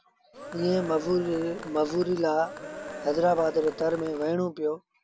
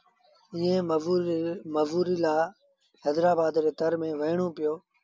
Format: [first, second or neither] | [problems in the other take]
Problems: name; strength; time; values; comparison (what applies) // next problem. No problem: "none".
second | background sound (Cheering); 13 dB below the speech